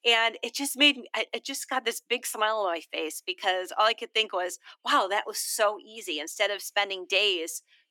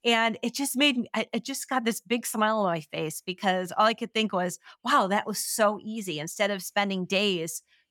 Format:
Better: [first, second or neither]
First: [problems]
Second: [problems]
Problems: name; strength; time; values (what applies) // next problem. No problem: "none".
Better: second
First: thin; somewhat; fading below 300 Hz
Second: none